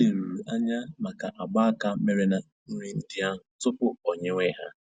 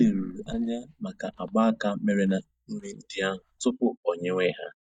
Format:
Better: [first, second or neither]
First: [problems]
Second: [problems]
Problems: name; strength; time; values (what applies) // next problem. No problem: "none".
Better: first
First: none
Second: noise reduction (neural mask model DeepFilterNet 3)